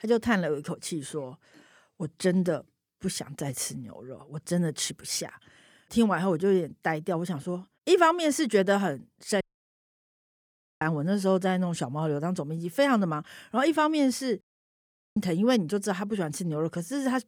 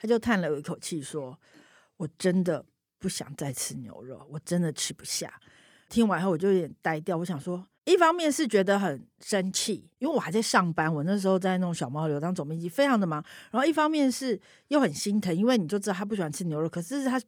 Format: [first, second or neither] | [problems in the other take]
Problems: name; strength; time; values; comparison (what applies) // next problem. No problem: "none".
second | audio cutting out; at 9.5 s for 1.5 s and at 14 s for 1 s